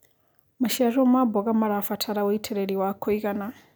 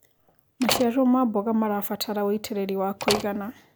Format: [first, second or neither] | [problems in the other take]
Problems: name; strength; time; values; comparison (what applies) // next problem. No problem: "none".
first | background sound (Slam); 7 dB below the speech